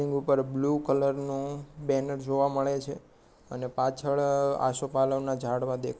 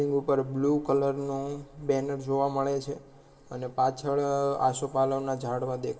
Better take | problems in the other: first | room echo; dies away in 2.6 s

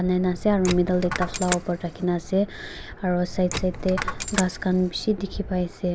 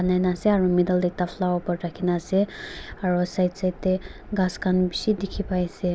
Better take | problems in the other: second | background sound (Coin (dropping)); 9 dB below the speech

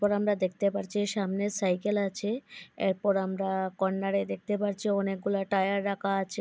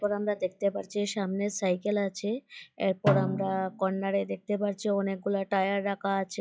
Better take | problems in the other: first | noise reduction (classical method log-MMSE)

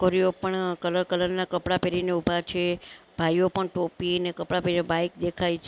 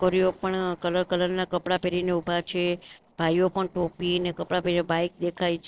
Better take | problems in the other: first | noise reduction (neural separator model SepFormer DNS4)

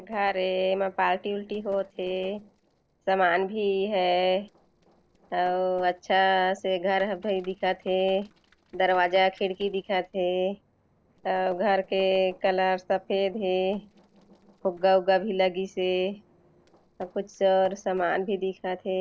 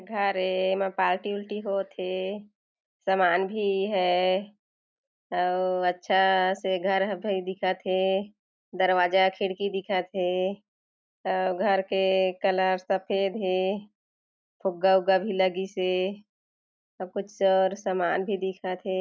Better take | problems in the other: second | noise reduction (neural separator model SepFormer DNS4)

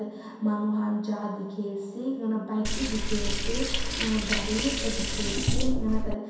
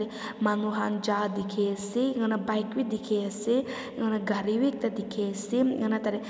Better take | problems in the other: second | background sound (Liquid); 3 dB above the speech // room echo; dies away in 0.7 s

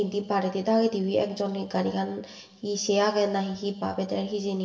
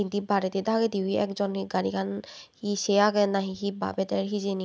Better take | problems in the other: second | room echo; dies away in 1.6 s

